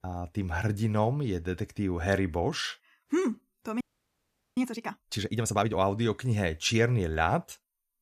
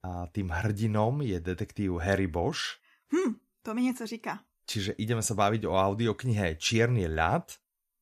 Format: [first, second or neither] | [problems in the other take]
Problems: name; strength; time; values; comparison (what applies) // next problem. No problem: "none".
second | audio freezing; at 4 s for 1 s